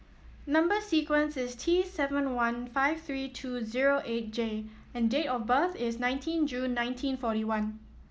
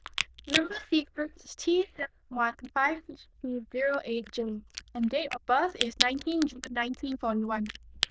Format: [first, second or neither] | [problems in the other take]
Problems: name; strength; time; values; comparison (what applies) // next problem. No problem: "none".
first | noise reduction (neural diffusion model UNIVERSE++)